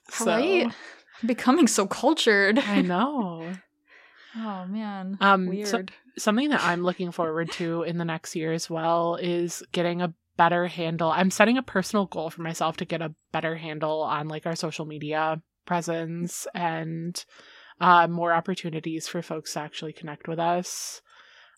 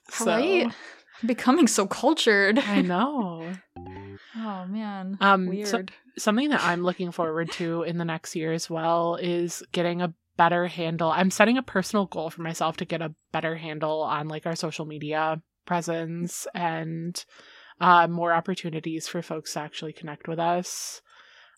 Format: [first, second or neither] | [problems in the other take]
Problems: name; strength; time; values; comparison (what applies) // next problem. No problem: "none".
first | phone ringing; faint; at 4 s; peak 15 dB below the speech